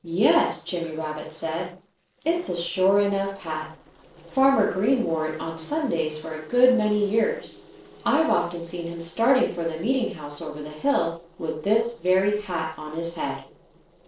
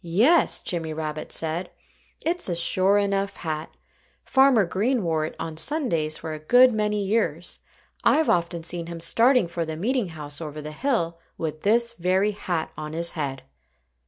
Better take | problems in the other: second | noise reduction (neural separator model SepFormer DNS4)

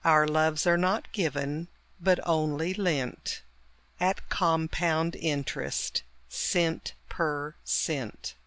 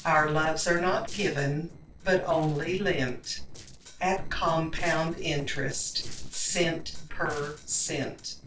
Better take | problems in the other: first | noise reduction (neural separator model SepFormer DNS4)

